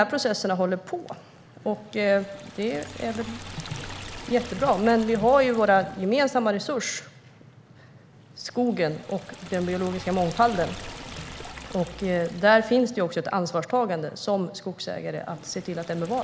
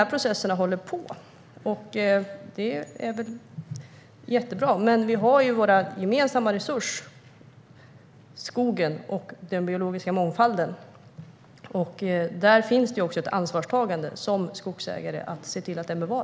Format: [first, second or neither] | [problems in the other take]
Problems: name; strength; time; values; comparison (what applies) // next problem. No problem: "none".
second | background sound (Liquid); 17 dB below the speech